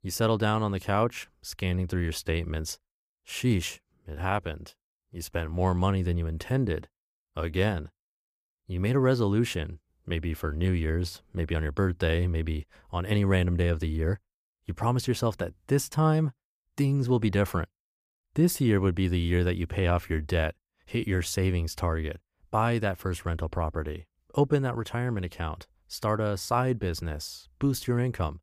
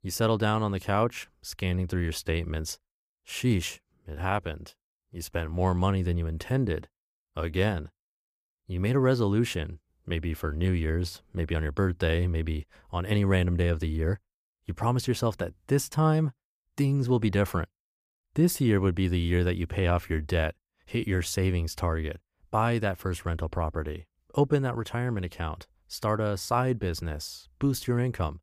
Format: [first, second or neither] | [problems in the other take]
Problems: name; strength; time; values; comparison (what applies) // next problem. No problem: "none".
neither | none